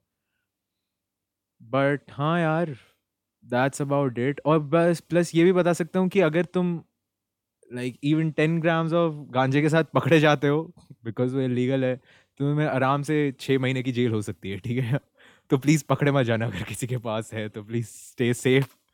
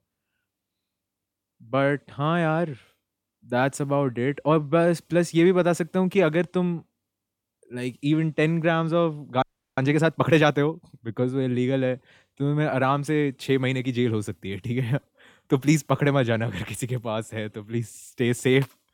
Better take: first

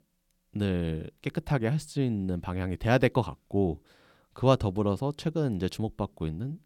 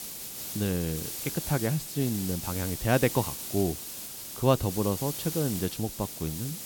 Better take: first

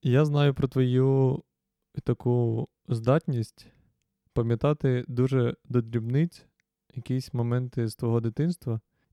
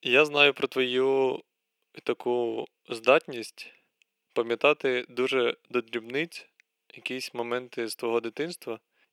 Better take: first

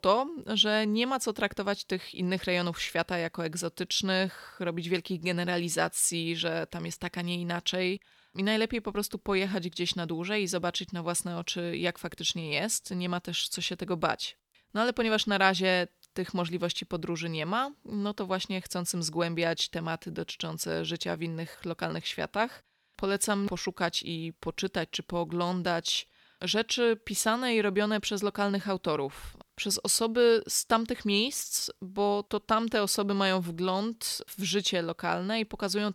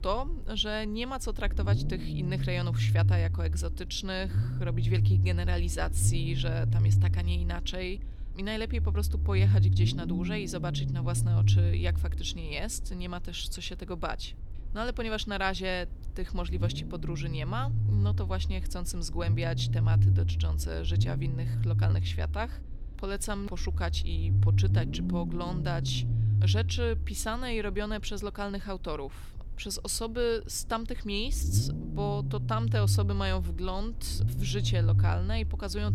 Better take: first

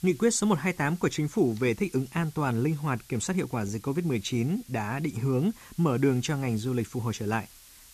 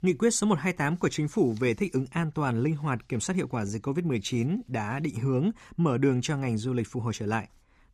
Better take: second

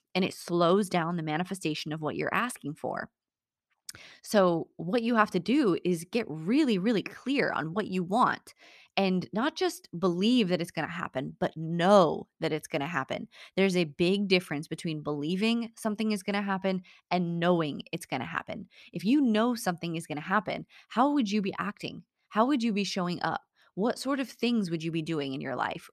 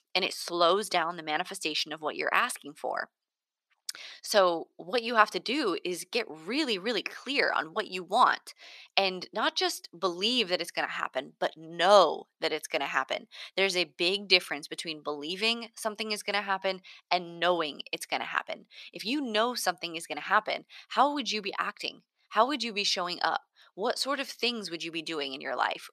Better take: first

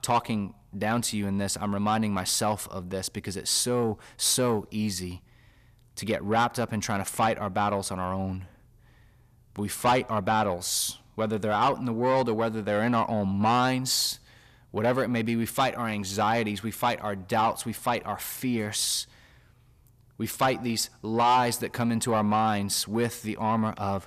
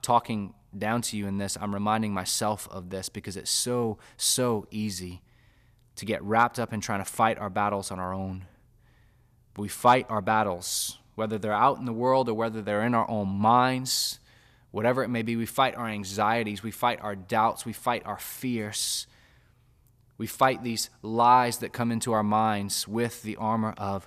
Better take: second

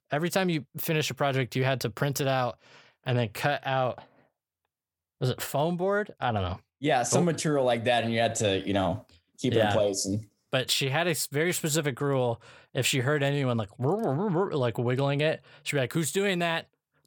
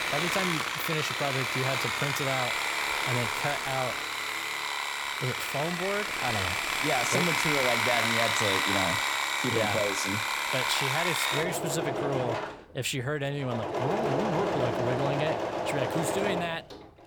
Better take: first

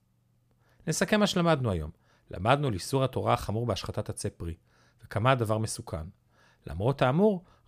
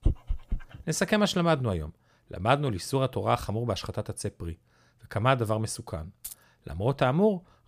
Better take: first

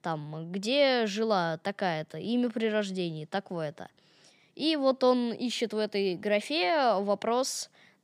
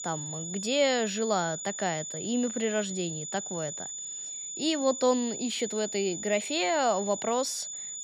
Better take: first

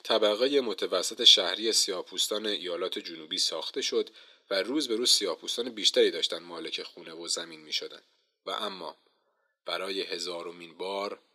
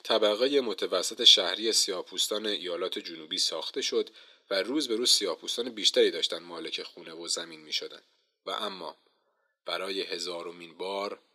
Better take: neither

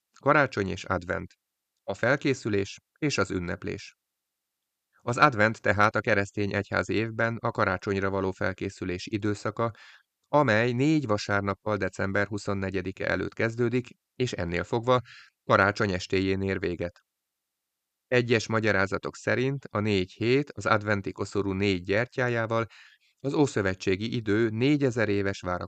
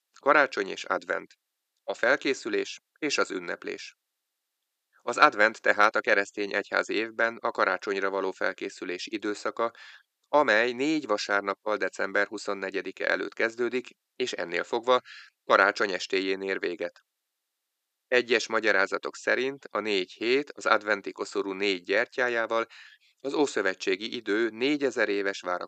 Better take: first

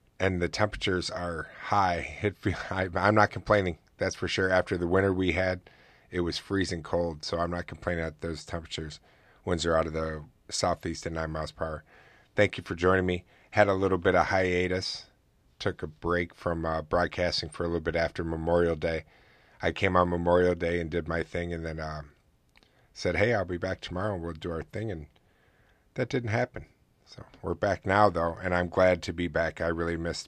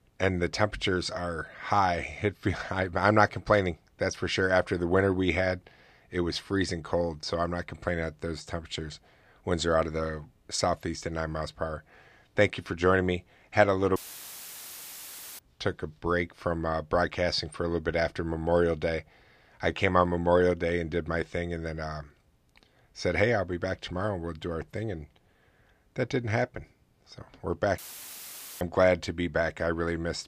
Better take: first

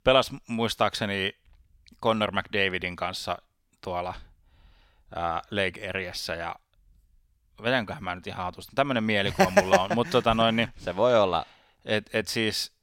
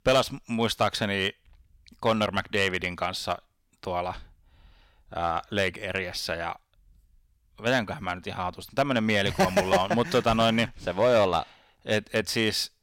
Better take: first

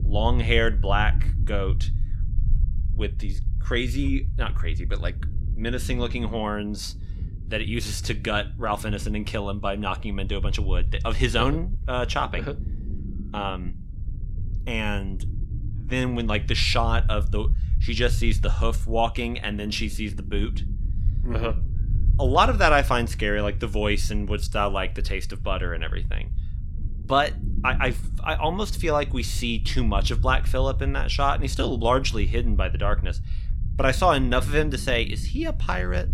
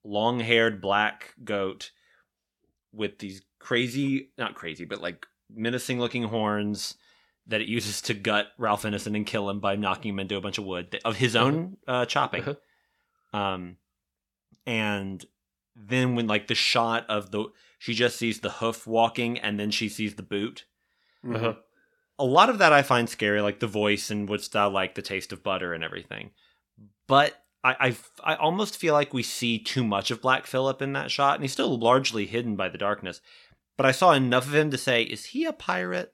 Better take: second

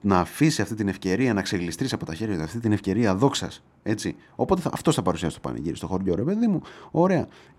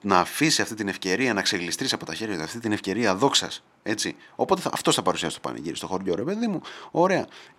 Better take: first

